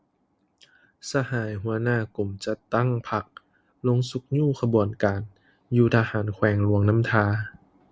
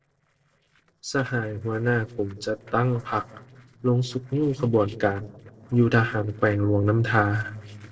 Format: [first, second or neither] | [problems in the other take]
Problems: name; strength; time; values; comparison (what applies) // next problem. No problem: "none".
first | noise reduction (neural separator model SepFormer DNS4)